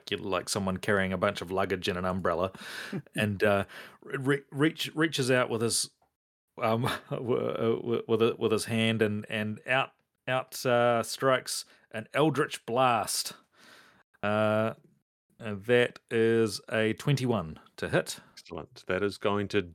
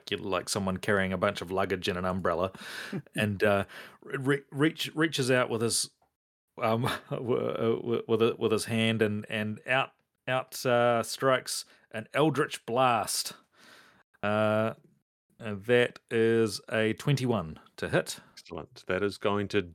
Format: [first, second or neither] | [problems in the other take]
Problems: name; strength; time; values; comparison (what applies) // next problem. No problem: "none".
neither | none